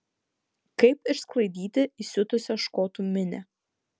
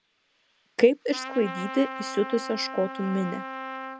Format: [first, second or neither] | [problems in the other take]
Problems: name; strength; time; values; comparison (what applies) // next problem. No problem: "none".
first | background sound (Trumpet); 10 dB below the speech